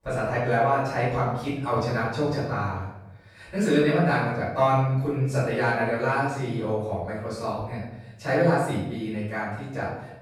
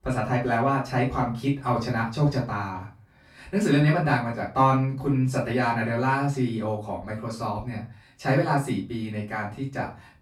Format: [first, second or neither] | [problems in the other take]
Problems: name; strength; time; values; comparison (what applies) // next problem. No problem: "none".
second | room echo; strong; dies away in 0.8 s; slight in the second // off-mic speech; far; far in the second